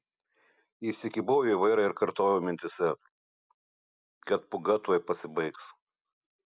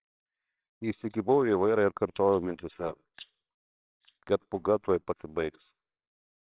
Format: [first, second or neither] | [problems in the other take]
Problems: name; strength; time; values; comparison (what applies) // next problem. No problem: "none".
first | noise reduction (neural separator model SepFormer WHAMR!)